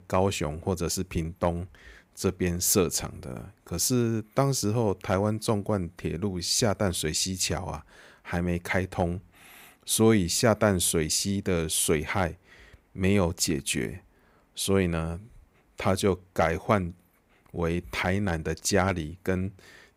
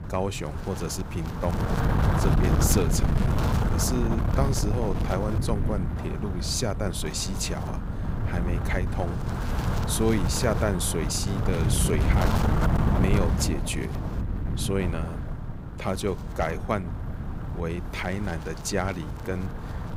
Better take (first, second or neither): first